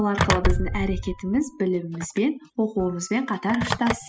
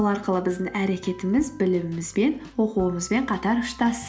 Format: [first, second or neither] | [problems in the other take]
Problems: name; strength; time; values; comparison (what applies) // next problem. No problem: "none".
second | noise reduction (classical method spectral subtraction)